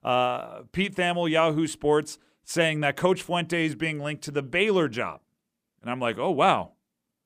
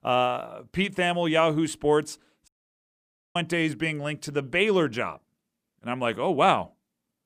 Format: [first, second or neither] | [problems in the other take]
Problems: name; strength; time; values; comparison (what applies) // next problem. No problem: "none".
first | audio cutting out; at 2.5 s for 1 s